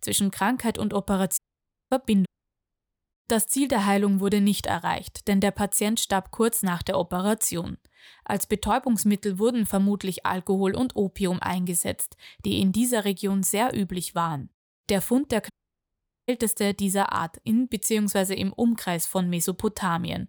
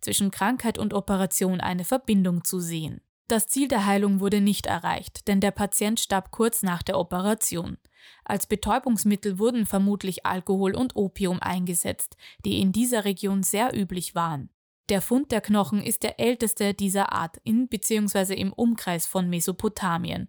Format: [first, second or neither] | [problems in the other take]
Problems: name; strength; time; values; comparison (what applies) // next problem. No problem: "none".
second | audio cutting out; at 1.5 s for 0.5 s, at 2.5 s for 1 s and at 16 s for 1 s